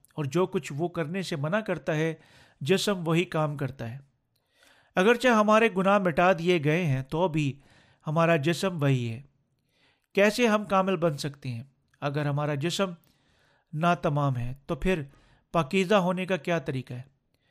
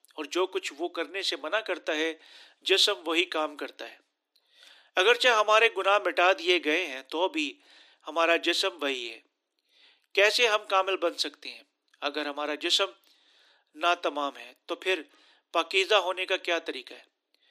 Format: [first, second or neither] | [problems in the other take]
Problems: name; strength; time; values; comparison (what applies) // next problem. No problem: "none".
first | thin; very; fading below 300 Hz